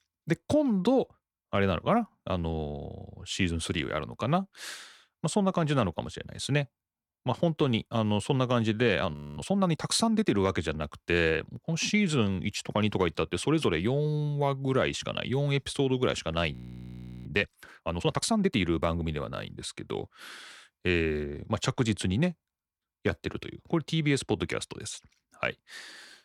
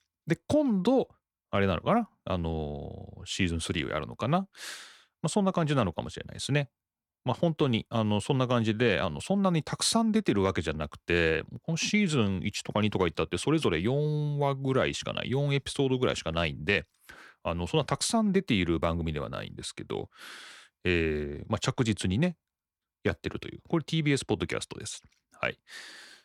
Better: second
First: audio freezing; at 9 s and at 17 s for 0.5 s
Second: none

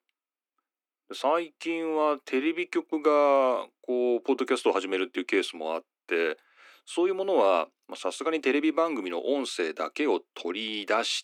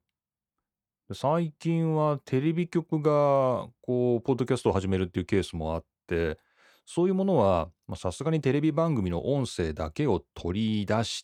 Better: second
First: thin; somewhat; fading below 250 Hz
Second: none

